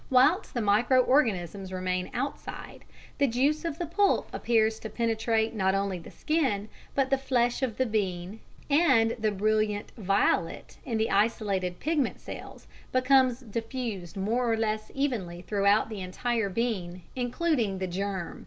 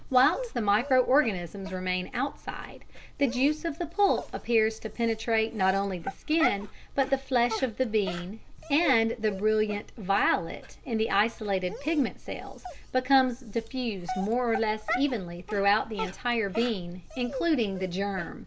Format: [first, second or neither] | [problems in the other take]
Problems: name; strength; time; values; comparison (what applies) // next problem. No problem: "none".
first | background sound (Dog); 13 dB below the speech